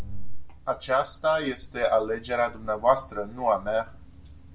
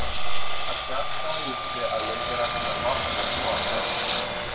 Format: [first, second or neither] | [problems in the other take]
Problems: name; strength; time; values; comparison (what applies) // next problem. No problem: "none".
first | background sound (Engine); 3 dB below the speech // room echo; dies away in 1.4 s